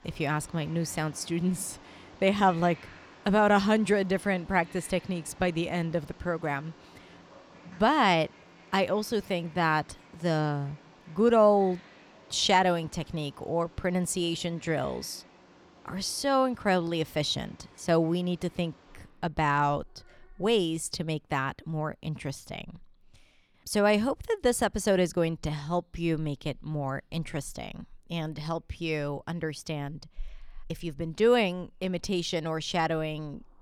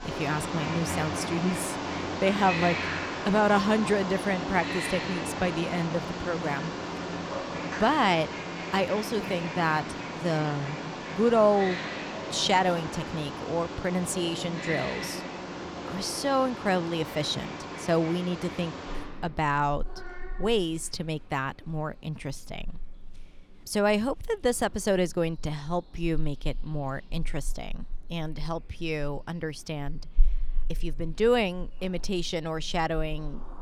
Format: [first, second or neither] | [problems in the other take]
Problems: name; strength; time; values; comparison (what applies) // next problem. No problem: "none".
first | animal sounds; loud; throughout; 6 dB below the speech; faint in the first